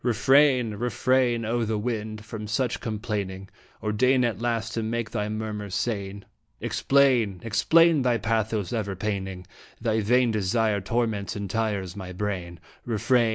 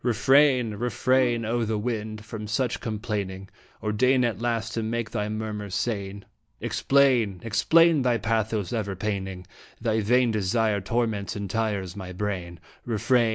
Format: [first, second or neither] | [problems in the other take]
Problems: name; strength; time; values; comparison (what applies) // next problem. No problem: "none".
first | background sound (Brass instrument); 15 dB below the speech